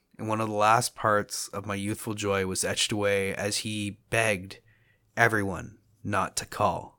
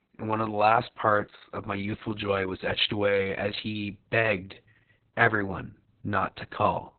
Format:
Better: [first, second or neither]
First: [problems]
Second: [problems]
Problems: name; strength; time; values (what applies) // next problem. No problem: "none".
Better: first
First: none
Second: garbled, watery; badly; nothing above 4 kHz